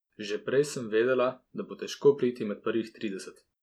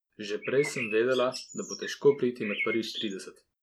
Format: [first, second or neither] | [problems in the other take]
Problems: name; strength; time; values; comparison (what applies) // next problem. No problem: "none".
first | background sound (Bird); 9 dB below the speech